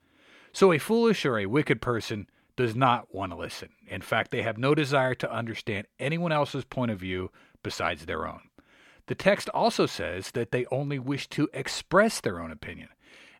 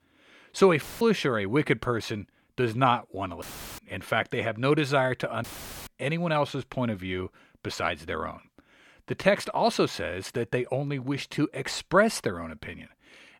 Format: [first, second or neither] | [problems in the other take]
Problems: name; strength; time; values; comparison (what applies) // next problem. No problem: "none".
first | audio cutting out; filled with static; at 1 s, at 3.5 s and at 5.5 s